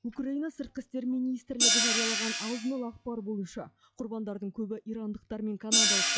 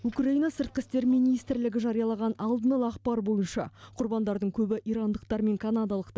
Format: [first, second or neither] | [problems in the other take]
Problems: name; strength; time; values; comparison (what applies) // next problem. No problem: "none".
second | noise reduction (classical method log-MMSE)